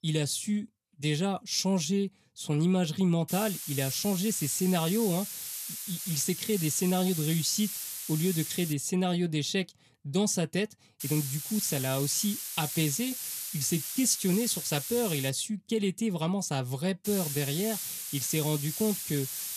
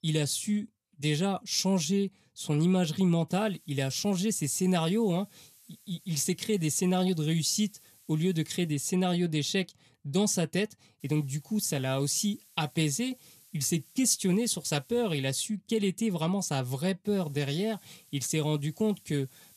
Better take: second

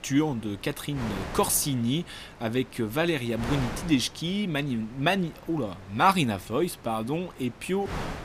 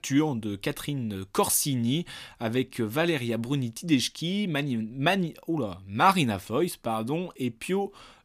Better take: second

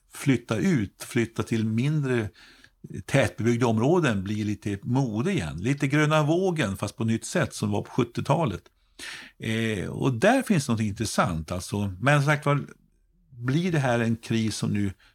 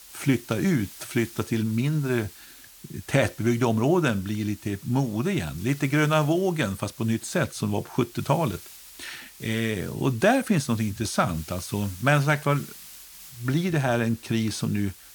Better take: first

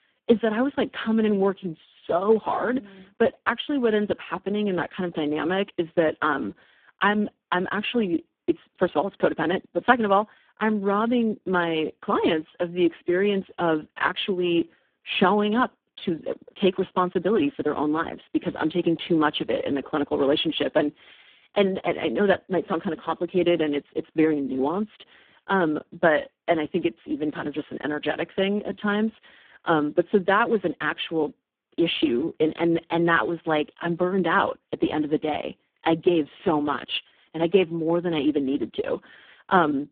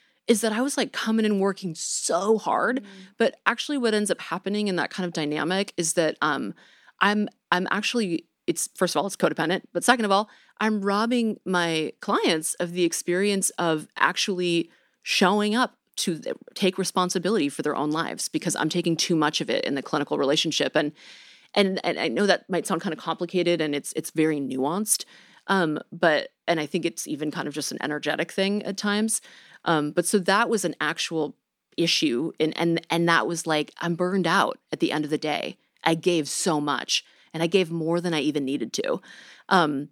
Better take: second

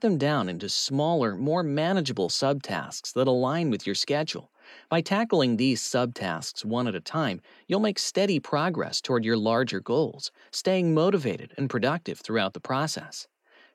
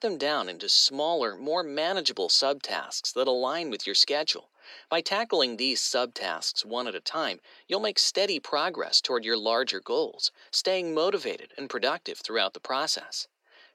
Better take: first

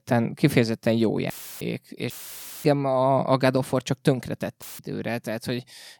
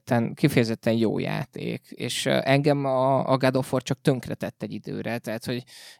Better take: second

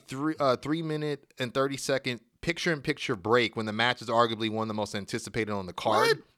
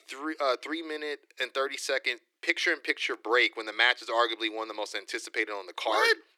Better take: first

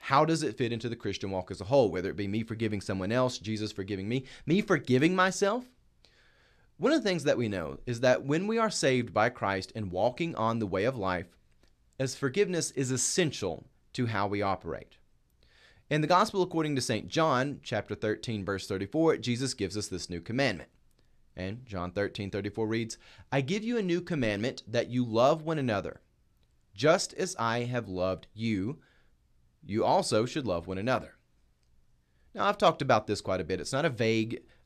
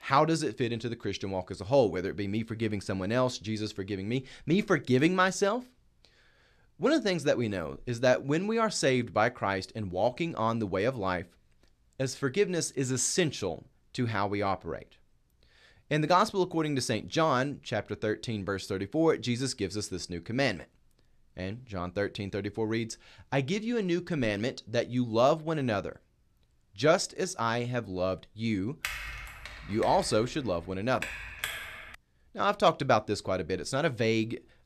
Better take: first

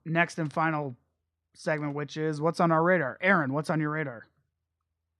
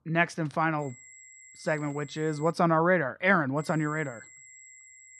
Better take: first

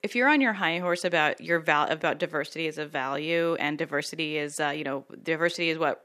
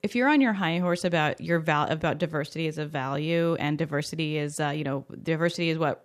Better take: second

